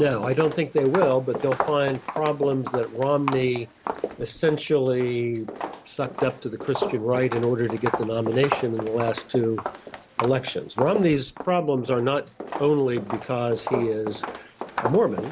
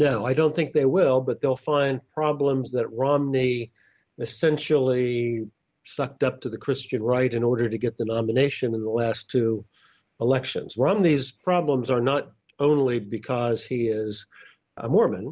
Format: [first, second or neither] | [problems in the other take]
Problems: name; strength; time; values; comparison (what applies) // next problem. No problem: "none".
second | background sound (Walk, footsteps); 8 dB below the speech